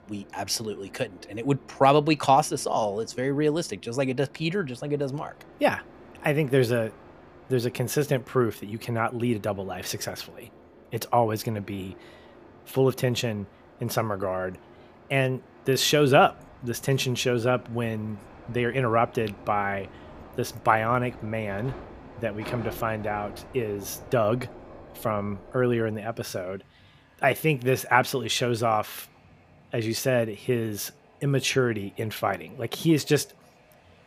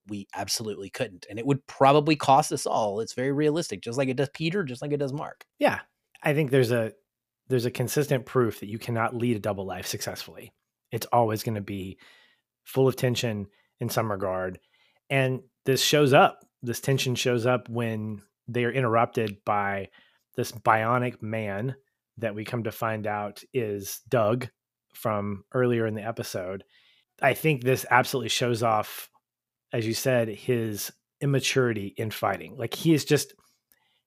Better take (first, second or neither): second